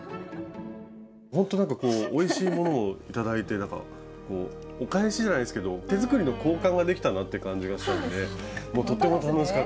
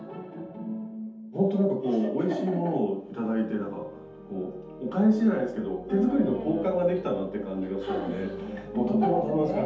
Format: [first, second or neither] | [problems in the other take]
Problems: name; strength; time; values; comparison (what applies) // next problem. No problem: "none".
first | room echo; dies away in 0.6 s